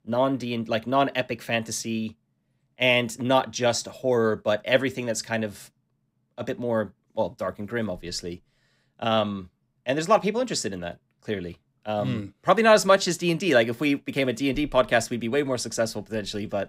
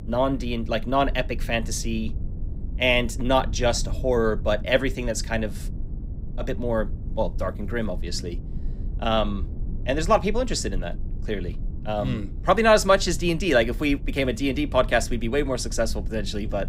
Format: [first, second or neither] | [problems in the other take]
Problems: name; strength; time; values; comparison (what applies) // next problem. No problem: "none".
first | low rumble; faint; throughout; 25 dB below the speech